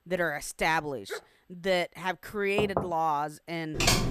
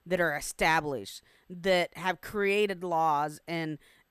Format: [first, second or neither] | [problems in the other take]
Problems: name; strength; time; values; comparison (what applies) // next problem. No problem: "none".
second | dog barking; faint; at 1 s; peak 10 dB below the speech // door banging; noticeable; at 2.5 s; peak 2 dB below the speech // keyboard typing; very faint; at 4 s; peak 5 dB above the speech